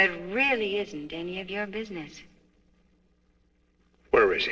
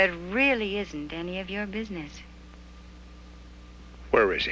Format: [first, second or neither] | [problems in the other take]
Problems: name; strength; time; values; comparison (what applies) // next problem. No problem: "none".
second | noise reduction (neural separator model SepFormer DNS4)